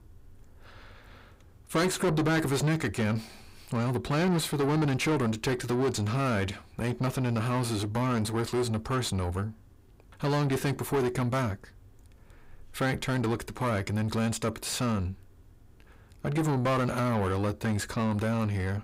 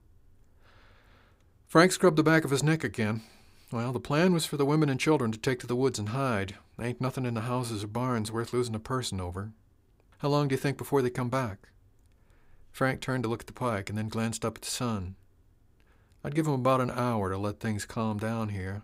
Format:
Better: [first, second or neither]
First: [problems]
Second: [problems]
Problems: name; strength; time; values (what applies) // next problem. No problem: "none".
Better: second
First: distortion; heavy; 6 dB below the speech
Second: none